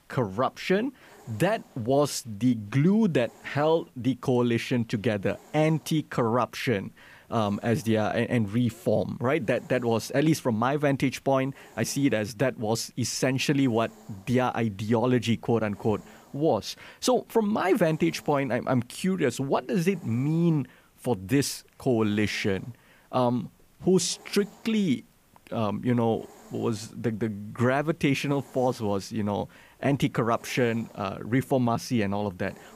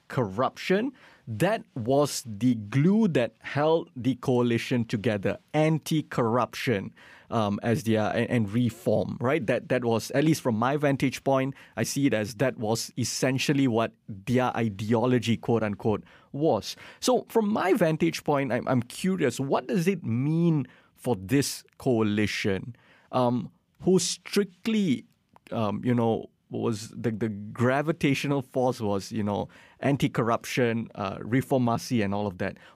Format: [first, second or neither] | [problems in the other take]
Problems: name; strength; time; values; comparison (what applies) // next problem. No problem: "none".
second | hiss; faint; throughout; 30 dB below the speech